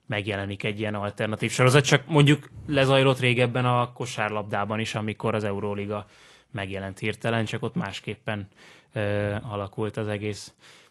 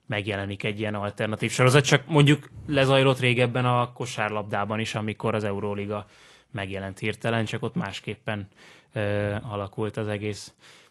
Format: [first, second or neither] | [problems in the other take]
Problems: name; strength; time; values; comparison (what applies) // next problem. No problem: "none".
neither | garbled, watery; slightly; nothing above 11.5 kHz; the same in both